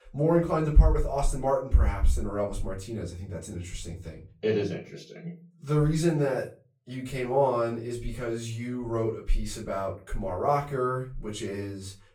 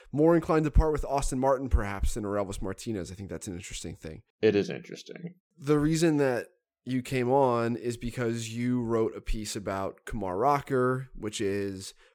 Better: second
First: off-mic speech; far // room echo; slight; dies away in 0.3 s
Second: none

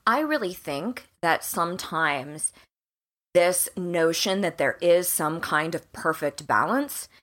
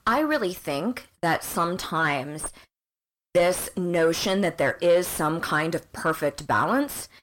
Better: first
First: none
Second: distortion; slight; 9 dB below the speech

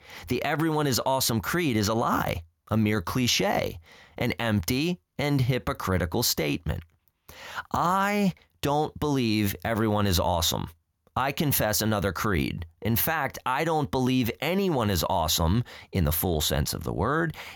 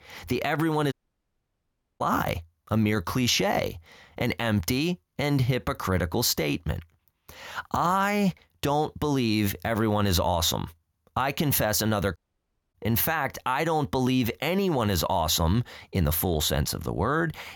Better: first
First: none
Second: audio cutting out; at 1 s for 1 s and at 12 s for 0.5 s

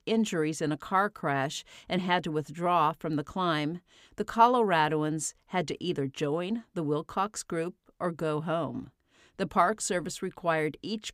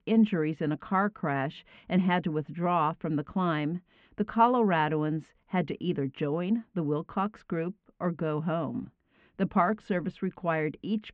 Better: first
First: none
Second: muffled; very; fading above 2.5 kHz

